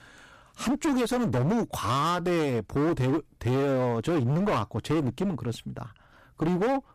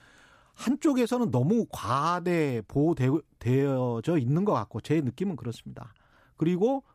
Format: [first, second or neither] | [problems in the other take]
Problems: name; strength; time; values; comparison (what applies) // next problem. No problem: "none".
second | distortion; heavy; 25% of the sound clipped